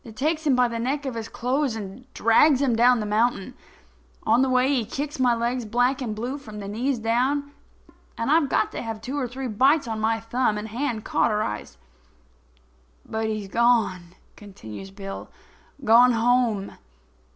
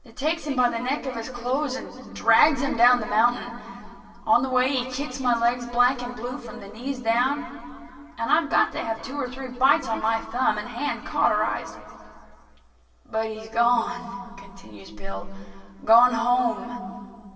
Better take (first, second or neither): first